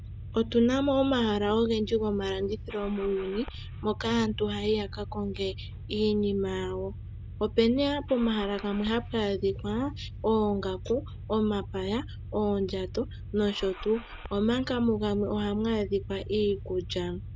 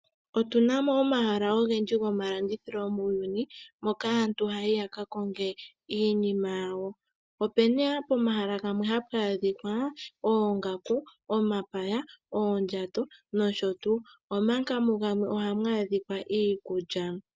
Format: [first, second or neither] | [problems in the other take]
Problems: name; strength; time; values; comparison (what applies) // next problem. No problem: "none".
second | background sound (Engine starting / Car); 11 dB below the speech